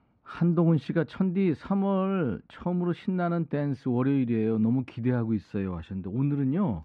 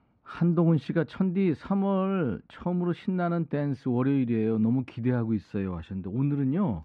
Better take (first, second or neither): neither